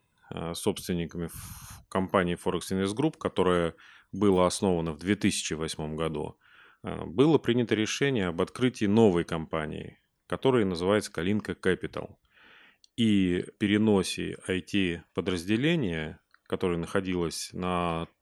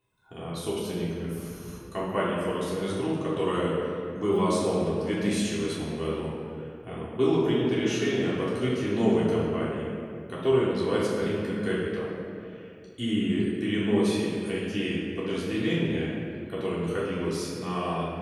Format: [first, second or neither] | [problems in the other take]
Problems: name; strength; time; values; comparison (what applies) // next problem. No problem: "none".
first | off-mic speech; far // room echo; strong; dies away in 2.1 s